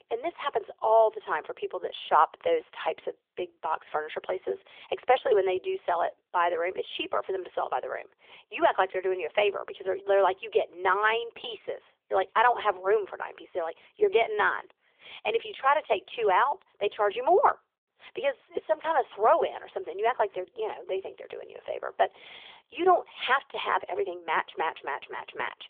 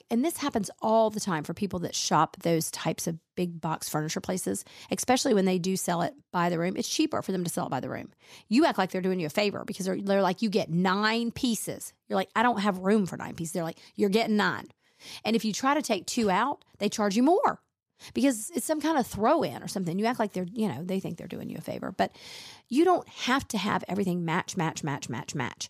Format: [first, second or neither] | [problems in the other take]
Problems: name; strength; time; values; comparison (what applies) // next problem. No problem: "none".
second | phone-call audio; nothing above 3.5 kHz